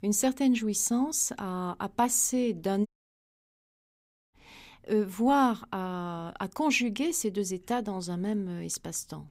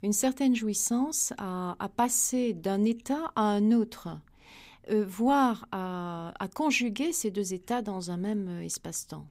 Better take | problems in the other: second | audio cutting out; at 3 s for 1.5 s

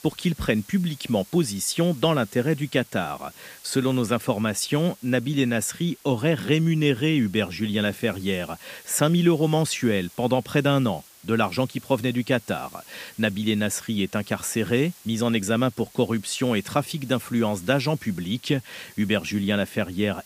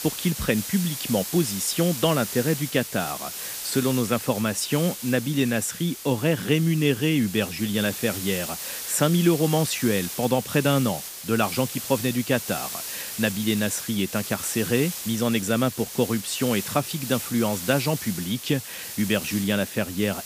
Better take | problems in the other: first | hiss; loud; throughout; 7 dB below the speech; faint in the first

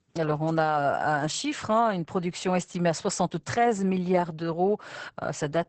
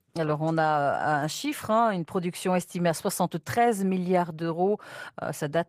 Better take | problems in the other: second | garbled, watery; badly; nothing above 8 kHz; slightly in the second

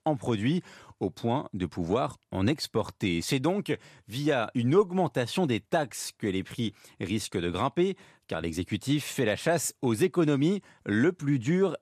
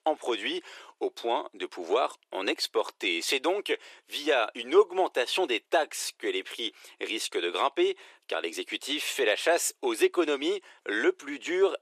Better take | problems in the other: first | thin; very; fading below 350 Hz

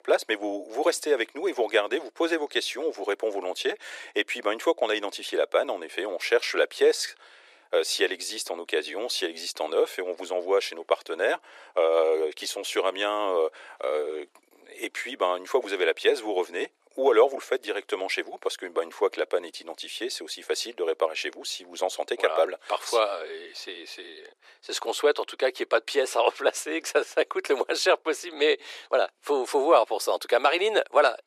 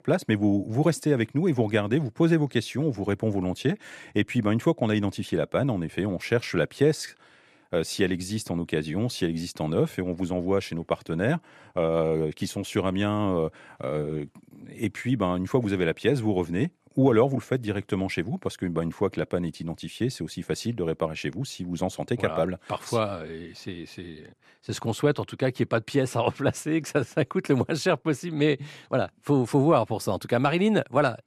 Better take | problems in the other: second | thin; very; fading below 400 Hz

